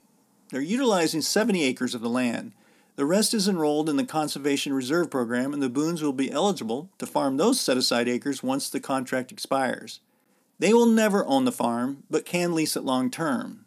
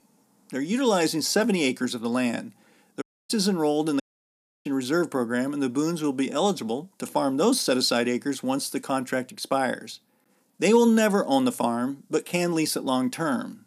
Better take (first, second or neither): first